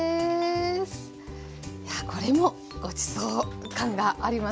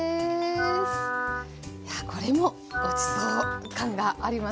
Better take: first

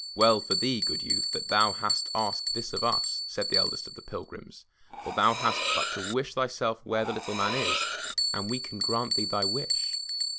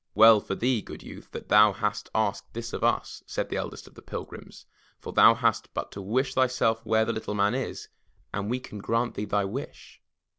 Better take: second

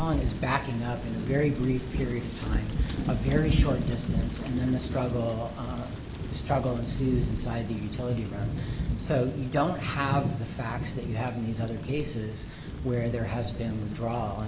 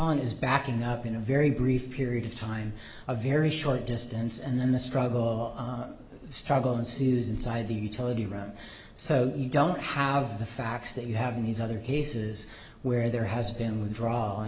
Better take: second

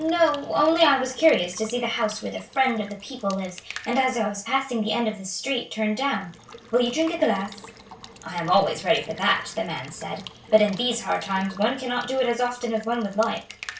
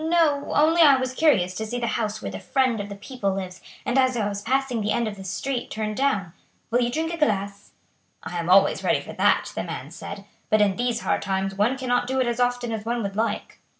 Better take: second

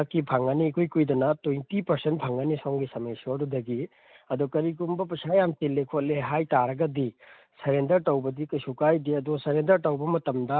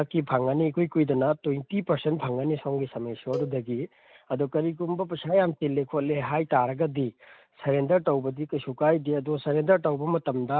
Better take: first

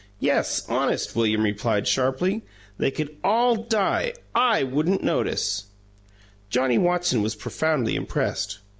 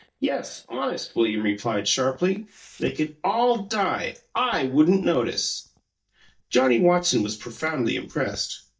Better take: first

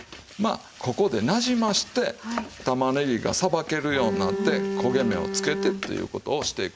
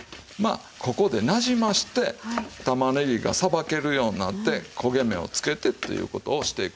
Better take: second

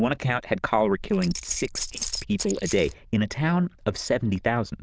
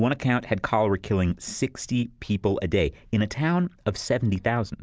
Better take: second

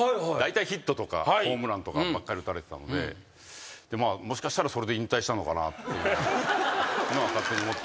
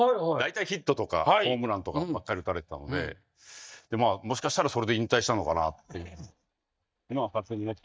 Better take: first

